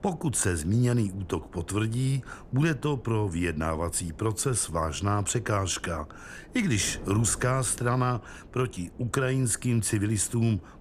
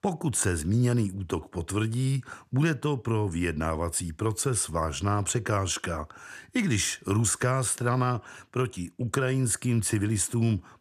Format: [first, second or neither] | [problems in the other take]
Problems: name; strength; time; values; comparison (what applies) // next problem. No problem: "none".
second | wind noise on the microphone; occasional gusts; 20 dB below the speech